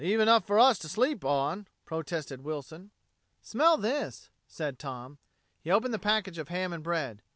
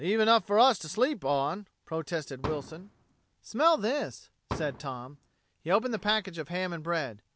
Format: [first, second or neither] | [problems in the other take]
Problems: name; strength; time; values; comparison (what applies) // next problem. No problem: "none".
first | background sound (Fireworks); 12 dB below the speech